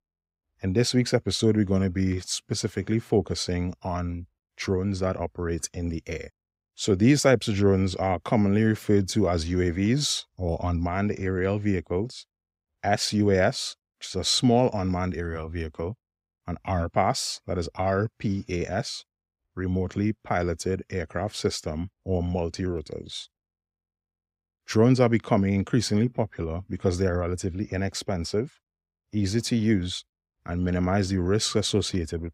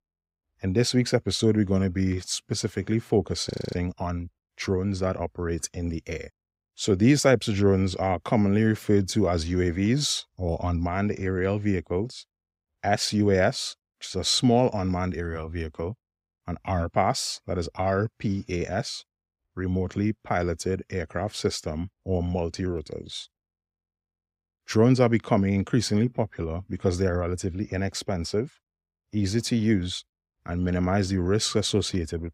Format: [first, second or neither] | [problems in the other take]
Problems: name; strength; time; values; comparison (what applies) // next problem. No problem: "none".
first | audio freezing; at 3.5 s